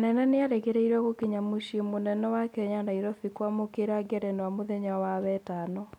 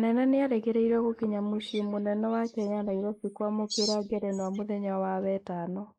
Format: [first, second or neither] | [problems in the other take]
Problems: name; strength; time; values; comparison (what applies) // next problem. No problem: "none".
first | noise reduction (neural mask model Resemble Enhance denoiser)